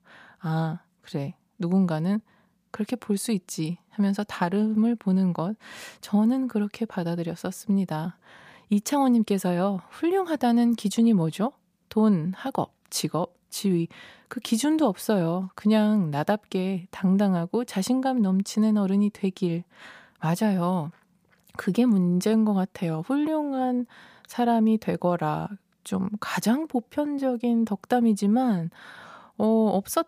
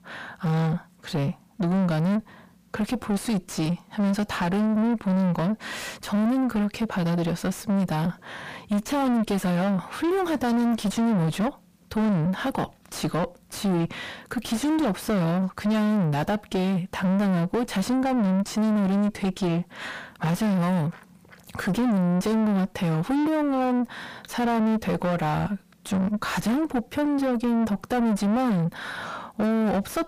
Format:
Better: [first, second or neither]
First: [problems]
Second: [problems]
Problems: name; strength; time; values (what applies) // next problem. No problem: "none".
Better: first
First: none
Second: distortion; heavy; 6 dB below the speech